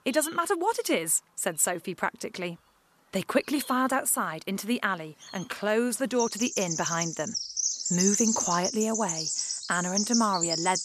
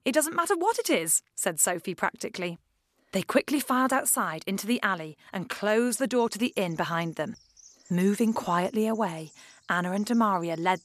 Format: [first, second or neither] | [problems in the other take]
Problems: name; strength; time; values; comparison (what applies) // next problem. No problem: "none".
second | animal sounds; loud; throughout; as loud as the speech; faint in the second